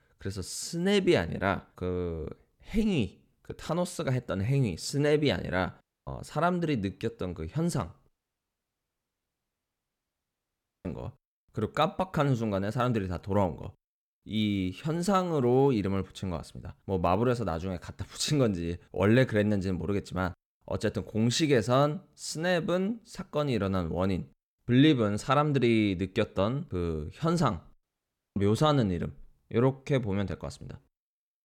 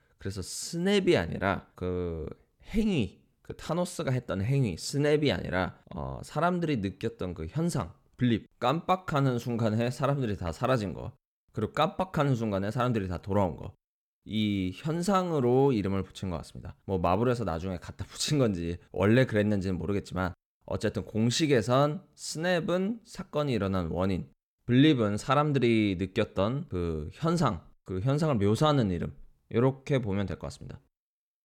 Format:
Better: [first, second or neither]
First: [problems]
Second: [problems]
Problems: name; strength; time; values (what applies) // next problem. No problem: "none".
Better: second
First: audio cutting out; at 6 s, at 8 s for 3 s and at 28 s for 0.5 s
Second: none